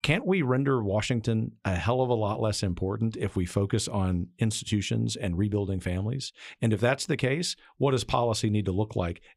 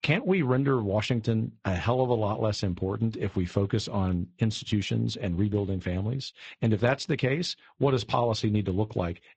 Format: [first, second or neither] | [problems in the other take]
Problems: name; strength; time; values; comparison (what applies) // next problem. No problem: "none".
first | garbled, watery; slightly; nothing above 8 kHz